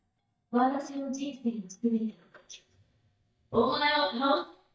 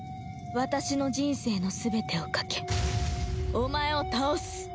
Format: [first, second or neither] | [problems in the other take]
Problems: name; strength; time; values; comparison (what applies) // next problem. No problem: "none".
second | noise reduction (neural mask model DeepFilterNet 3)